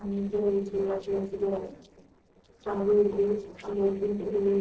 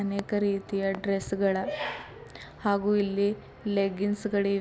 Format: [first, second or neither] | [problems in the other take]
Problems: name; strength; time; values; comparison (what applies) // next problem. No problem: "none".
second | noise reduction (neural separator model SepFormer DNS4)